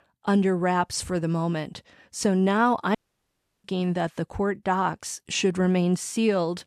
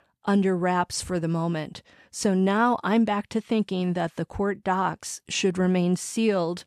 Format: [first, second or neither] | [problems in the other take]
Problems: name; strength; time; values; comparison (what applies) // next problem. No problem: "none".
second | audio cutting out; at 3 s for 0.5 s